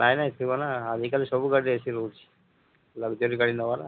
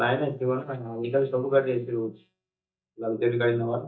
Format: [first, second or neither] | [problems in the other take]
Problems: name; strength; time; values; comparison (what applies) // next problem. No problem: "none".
first | noise reduction (neural mask model DeepFilterNet 3)